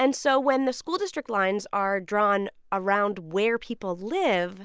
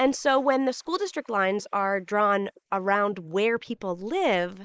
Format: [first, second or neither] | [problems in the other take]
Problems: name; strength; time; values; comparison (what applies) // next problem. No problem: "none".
first | noise reduction (neural mask model Resemble Enhance denoiser)